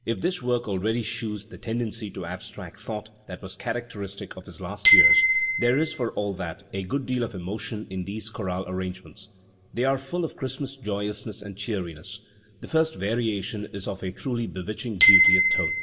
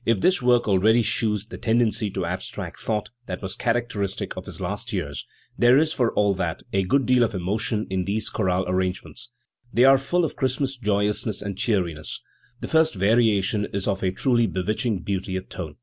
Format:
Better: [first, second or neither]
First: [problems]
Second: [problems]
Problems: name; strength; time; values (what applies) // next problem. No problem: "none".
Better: second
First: background sound (Bicycle bell); as loud as the speech // room echo; dies away in 2.4 s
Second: none